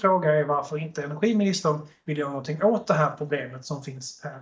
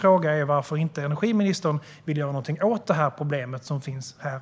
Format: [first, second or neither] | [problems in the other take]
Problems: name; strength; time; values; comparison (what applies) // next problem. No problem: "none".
second | noise reduction (neural mask model DeepFilterNet 3)